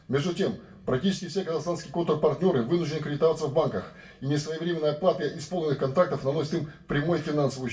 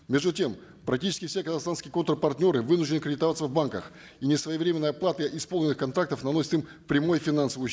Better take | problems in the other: second | room echo; dies away in 0.2 s

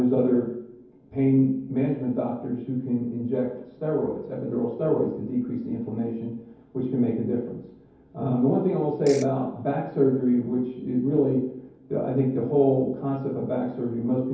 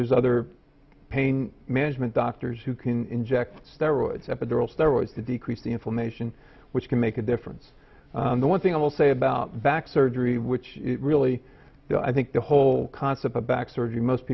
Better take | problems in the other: second | background sound (Ratchet, pawl / Percussion); 16 dB below the speech // room echo; dies away in 0.9 s

